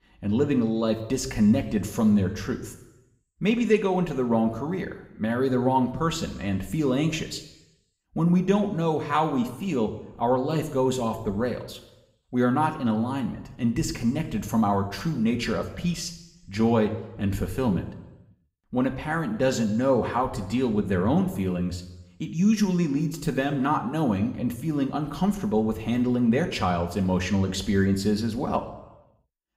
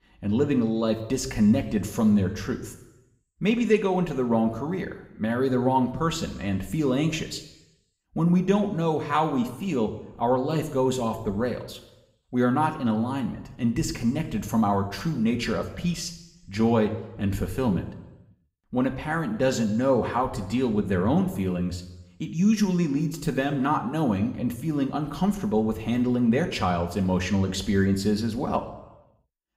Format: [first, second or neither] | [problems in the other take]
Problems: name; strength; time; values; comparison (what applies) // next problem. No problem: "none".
neither | room echo; very slight; dies away in 0.8 s; the same in both